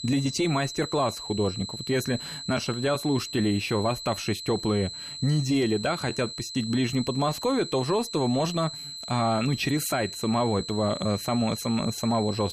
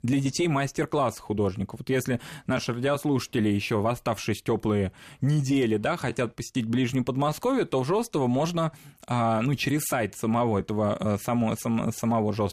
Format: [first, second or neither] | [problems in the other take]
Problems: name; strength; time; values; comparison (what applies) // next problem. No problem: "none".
second | high-pitched whine; loud; throughout; 4 kHz, 8 dB below the speech